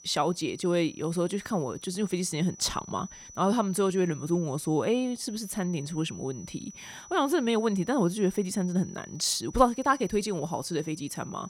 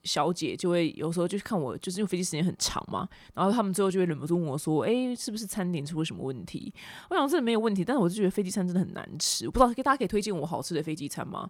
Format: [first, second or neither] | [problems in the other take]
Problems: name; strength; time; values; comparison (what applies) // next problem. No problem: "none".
second | high-pitched whine; noticeable; throughout; 6 kHz, 20 dB below the speech